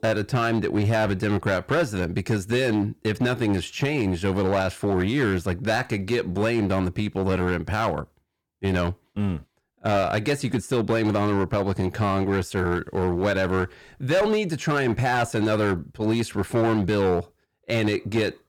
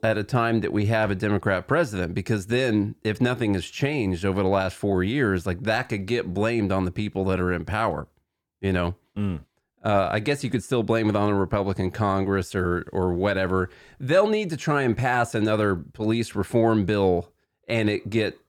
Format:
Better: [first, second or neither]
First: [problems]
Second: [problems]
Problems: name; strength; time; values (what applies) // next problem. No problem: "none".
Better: second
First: distortion; slight; 9% of the sound clipped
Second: none